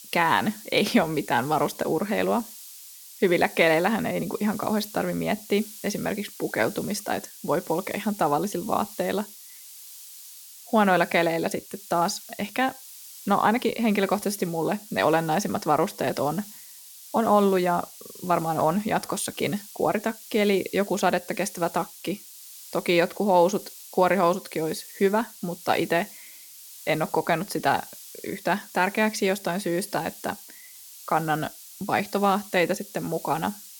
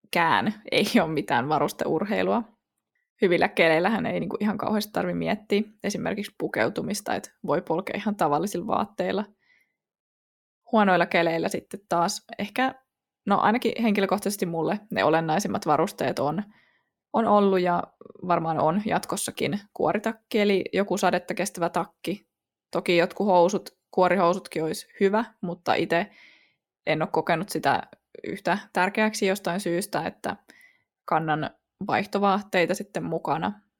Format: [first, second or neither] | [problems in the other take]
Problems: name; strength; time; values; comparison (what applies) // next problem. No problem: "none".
second | hiss; noticeable; throughout; 15 dB below the speech